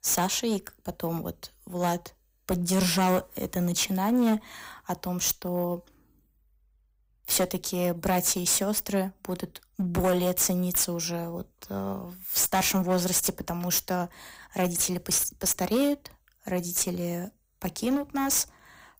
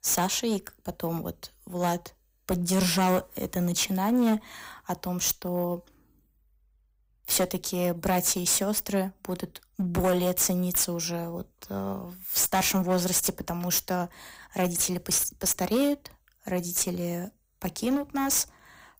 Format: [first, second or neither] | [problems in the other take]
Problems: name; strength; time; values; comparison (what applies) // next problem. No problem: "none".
neither | distortion; slight; 8% of the sound clipped; the same in both